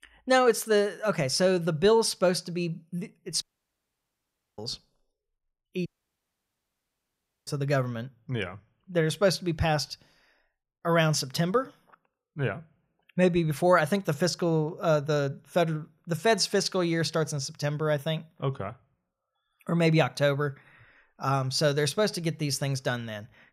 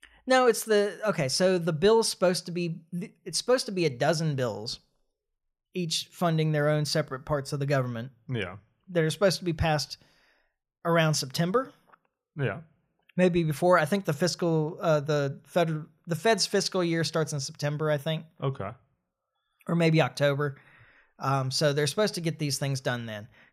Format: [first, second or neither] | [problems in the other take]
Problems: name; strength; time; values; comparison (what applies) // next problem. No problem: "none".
second | audio cutting out; at 3.5 s for 1 s and at 6 s for 1.5 s